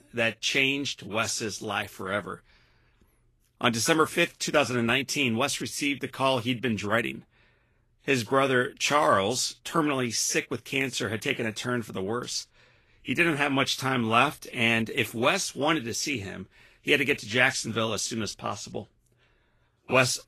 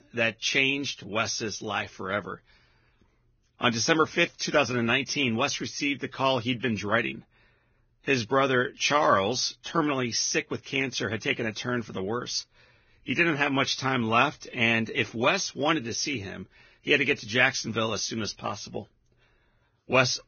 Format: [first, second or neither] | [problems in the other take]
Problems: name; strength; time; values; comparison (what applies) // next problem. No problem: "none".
first | garbled, watery; badly; nothing above 6.5 kHz; slightly in the first